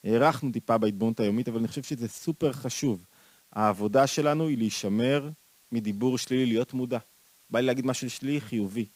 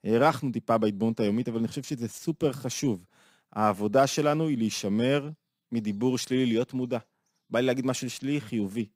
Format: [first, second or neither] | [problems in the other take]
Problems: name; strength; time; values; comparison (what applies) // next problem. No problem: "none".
second | hiss; faint; throughout; 30 dB below the speech